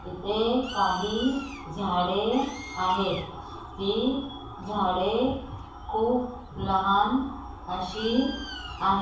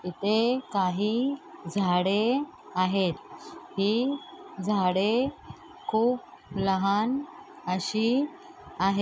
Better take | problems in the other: second | background sound (Bird); 14 dB below the speech // room echo; dies away in 0.7 s

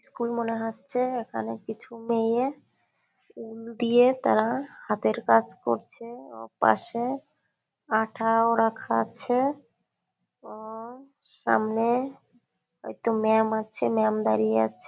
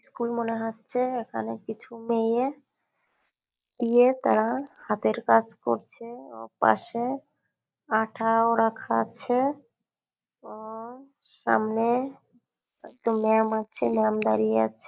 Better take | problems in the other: first | noise reduction (neural mask model Resemble Enhance denoiser)

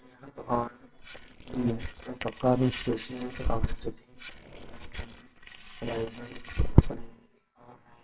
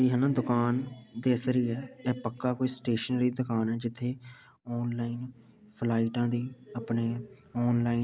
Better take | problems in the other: second | noise reduction (neural separator model SepFormer WHAMR!)

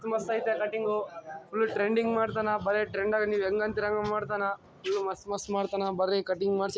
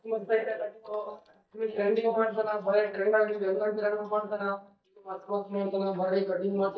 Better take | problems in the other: first | noise reduction (neural mask model DeepFilterNet 3)

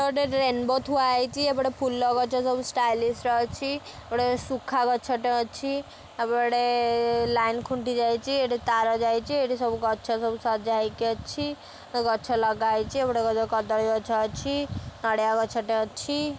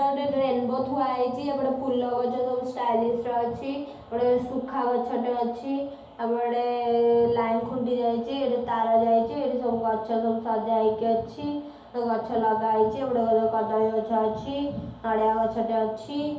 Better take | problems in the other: first | room echo; dies away in 2.2 s

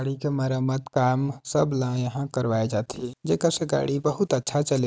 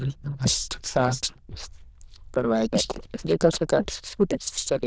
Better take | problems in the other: first | noise reduction (neural diffusion model UNIVERSE++)

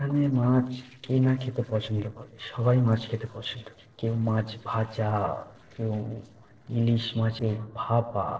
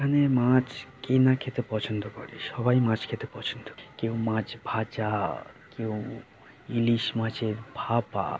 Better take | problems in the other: second | noise reduction (neural separator model SepFormer DNS4)

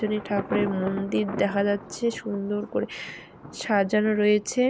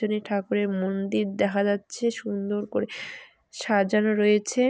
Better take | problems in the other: second | background sound (Thunder); 12 dB below the speech

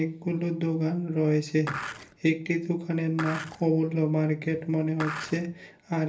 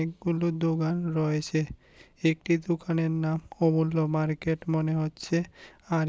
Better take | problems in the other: second | background sound (Skateboard); 9 dB below the speech // room echo; dies away in 0.3 s

